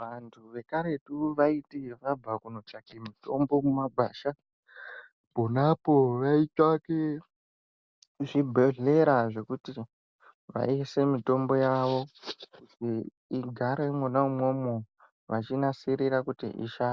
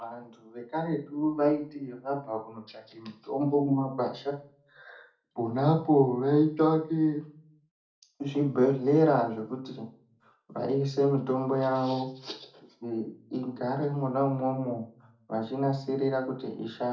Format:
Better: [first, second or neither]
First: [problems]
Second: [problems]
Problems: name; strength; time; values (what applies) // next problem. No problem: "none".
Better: first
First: none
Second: room echo; dies away in 0.4 s